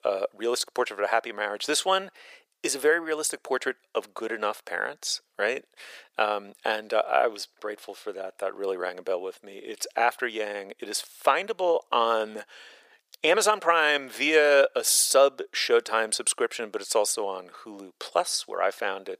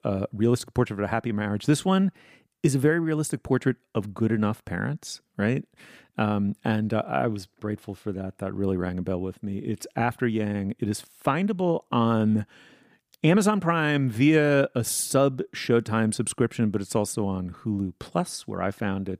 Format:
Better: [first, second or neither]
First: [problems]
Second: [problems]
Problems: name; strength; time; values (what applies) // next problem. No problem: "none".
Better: second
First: thin; very; fading below 500 Hz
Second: none